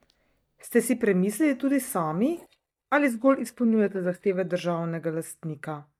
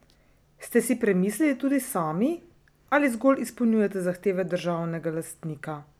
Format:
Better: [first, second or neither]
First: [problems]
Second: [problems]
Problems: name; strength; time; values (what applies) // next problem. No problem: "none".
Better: second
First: noise reduction (neural mask model DeepFilterNet 3)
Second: none